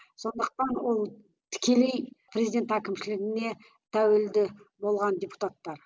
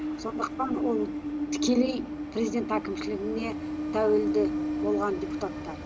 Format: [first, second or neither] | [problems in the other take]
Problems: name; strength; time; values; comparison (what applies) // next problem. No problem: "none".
first | background sound (Train); 2 dB below the speech